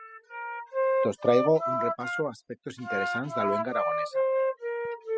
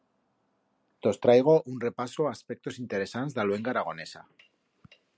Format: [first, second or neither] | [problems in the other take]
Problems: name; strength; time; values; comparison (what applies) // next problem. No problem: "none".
second | noise reduction (classical method spectral subtraction)